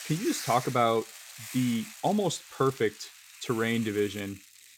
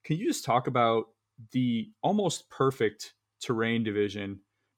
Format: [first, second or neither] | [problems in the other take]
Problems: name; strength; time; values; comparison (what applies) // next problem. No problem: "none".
second | hiss; noticeable; throughout; 15 dB below the speech